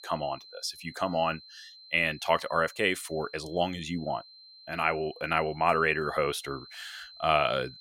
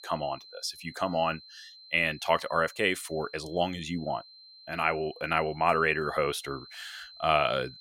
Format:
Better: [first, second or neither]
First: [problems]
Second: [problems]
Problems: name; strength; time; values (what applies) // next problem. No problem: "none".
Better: neither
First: high-pitched whine; noticeable; throughout; 4 kHz, 20 dB below the speech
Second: high-pitched whine; noticeable; throughout; 4 kHz, 20 dB below the speech